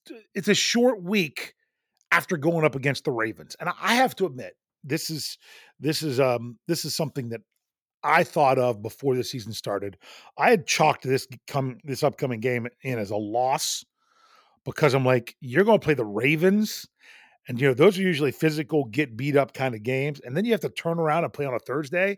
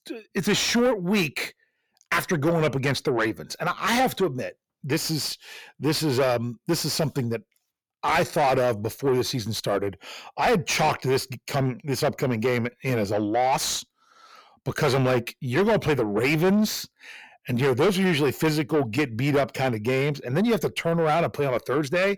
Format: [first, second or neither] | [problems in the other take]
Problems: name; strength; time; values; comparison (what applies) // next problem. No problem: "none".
first | distortion; heavy; 7 dB below the speech